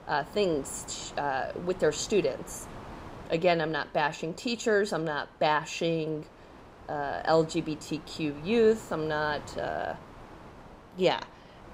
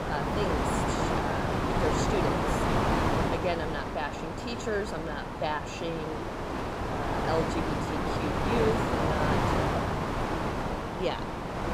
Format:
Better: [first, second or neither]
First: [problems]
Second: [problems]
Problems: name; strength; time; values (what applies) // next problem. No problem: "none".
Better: first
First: wind noise on the microphone; occasional gusts; 20 dB below the speech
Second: wind noise on the microphone; heavy; 4 dB above the speech